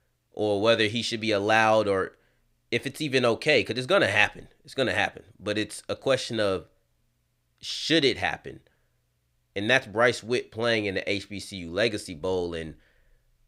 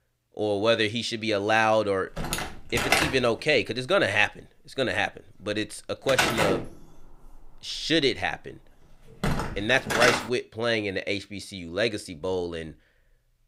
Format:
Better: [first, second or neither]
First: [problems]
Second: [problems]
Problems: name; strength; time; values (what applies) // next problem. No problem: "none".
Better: first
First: none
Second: door banging; loud; from 2 to 10 s; peak 3 dB above the speech